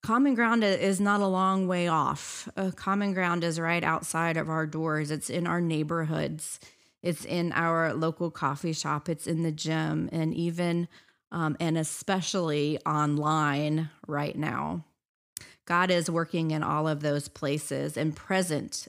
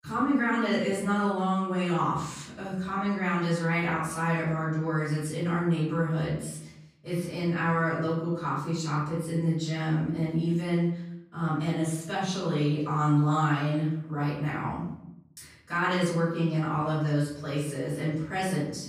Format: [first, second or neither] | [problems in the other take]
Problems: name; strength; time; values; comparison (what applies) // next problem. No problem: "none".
first | off-mic speech; far // room echo; noticeable; dies away in 0.7 s